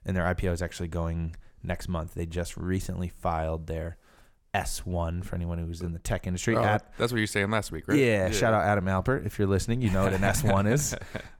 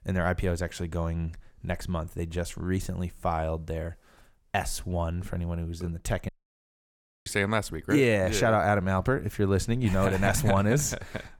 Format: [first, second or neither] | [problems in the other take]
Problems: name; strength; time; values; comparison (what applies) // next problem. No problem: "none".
first | audio cutting out; at 6.5 s for 1 s